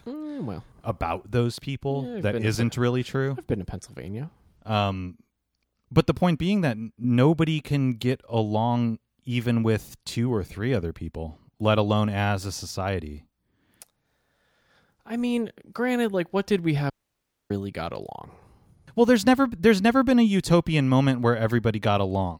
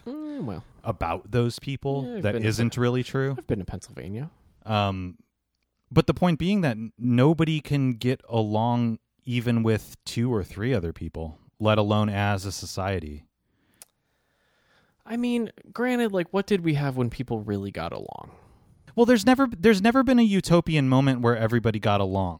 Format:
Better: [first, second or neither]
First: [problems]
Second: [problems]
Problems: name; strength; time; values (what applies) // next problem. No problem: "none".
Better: second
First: audio cutting out; at 17 s for 0.5 s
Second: none